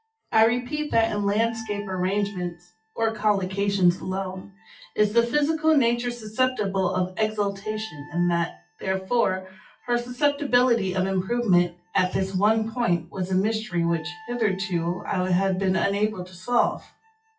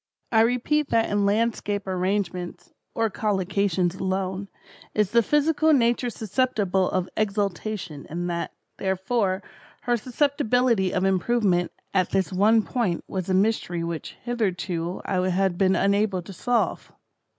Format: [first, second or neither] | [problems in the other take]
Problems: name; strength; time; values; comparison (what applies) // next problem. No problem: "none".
second | noise reduction (classical method WPE with log-MMSE)